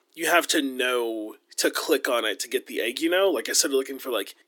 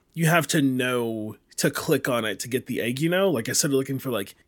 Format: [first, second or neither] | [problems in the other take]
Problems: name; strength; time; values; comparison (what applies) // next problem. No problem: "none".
second | thin; somewhat; fading below 300 Hz